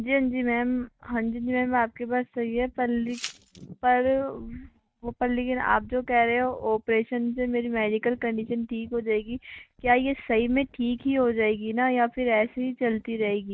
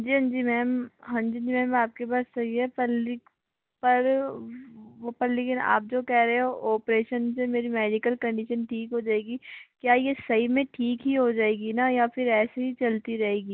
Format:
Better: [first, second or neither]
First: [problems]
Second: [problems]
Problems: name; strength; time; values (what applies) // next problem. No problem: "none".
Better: second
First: noise reduction (neural mask model RNNoise)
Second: none